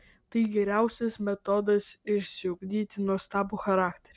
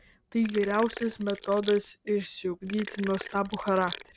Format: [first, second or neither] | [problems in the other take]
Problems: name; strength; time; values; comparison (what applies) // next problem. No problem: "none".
first | background sound (Sink (filling or washing)); 13 dB below the speech